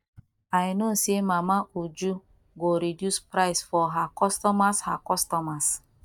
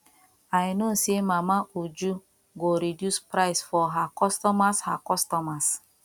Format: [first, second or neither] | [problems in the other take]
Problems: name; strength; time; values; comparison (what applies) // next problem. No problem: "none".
second | noise reduction (neural mask model DeepFilterNet 3)